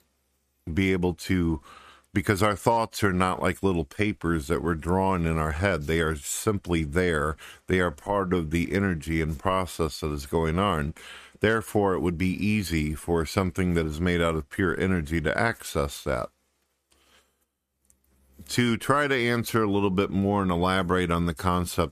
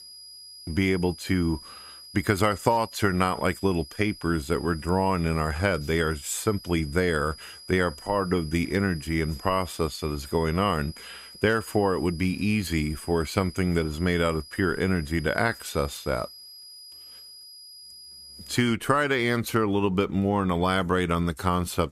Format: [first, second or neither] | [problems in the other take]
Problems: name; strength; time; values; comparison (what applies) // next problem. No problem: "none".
first | high-pitched whine; noticeable; until 19 s; 5 kHz, 15 dB below the speech